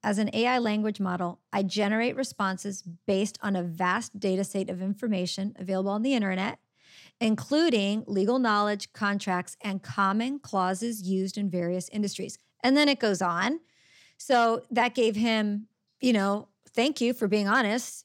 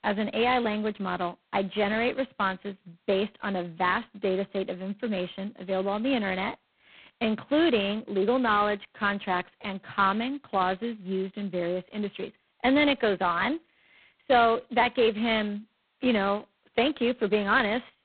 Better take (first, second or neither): first